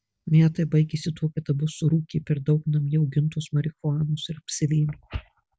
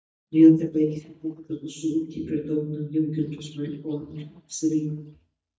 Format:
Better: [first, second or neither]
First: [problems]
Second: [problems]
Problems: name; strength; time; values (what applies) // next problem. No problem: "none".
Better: first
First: none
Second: noise reduction (neural mask model DeepFilterNet 3)